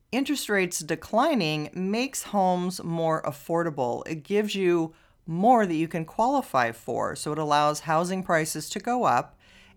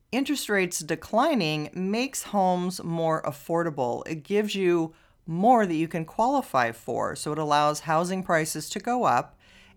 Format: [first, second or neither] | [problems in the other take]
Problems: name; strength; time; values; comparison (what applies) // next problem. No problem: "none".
neither | none